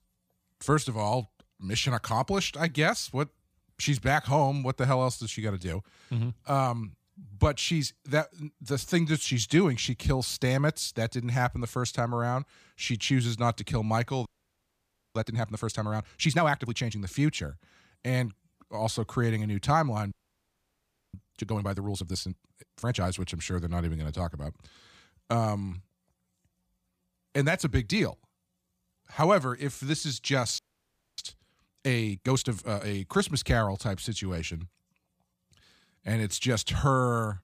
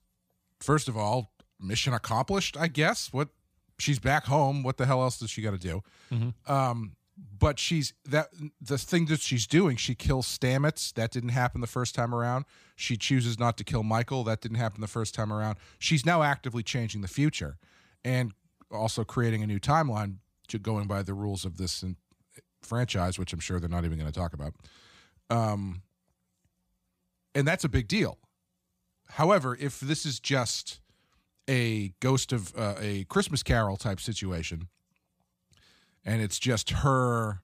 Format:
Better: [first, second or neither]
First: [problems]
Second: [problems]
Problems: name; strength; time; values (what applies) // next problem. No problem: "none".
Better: second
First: audio freezing; at 14 s for 1 s, at 20 s for 1 s and at 31 s for 0.5 s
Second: none